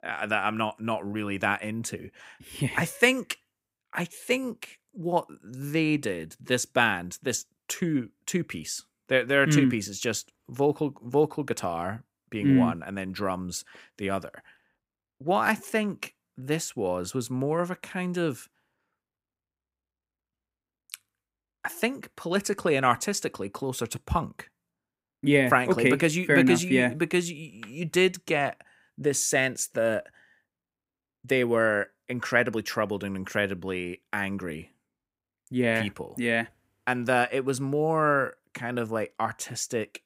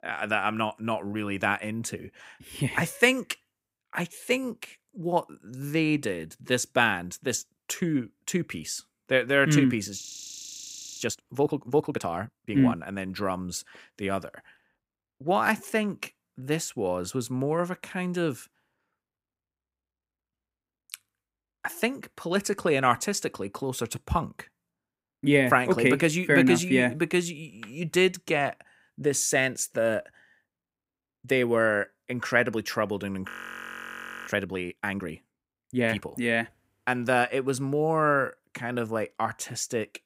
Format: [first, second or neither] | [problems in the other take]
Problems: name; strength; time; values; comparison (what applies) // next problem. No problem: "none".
first | audio freezing; at 10 s for 1 s and at 33 s for 1 s